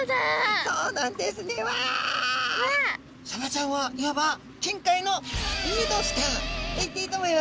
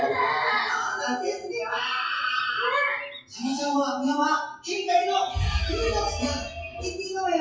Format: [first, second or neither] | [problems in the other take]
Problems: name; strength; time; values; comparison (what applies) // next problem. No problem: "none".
first | noise reduction (classical method WPE with log-MMSE)